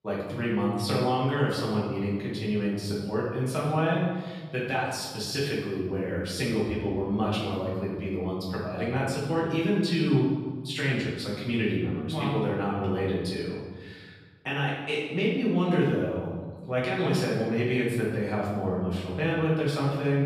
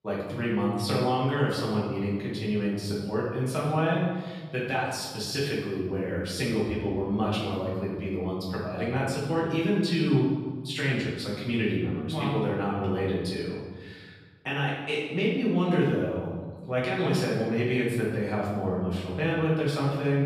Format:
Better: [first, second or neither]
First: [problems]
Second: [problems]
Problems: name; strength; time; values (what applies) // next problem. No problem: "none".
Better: neither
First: room echo; noticeable; dies away in 1.3 s // off-mic speech; far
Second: room echo; noticeable; dies away in 1.3 s // off-mic speech; far